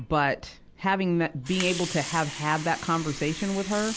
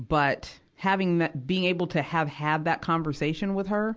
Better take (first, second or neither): second